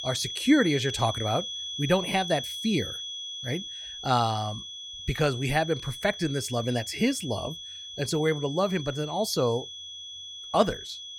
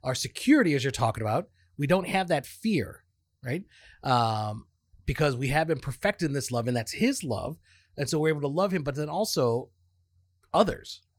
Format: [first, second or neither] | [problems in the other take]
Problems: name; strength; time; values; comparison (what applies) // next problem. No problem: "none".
second | high-pitched whine; loud; throughout; 3.5 kHz, 8 dB below the speech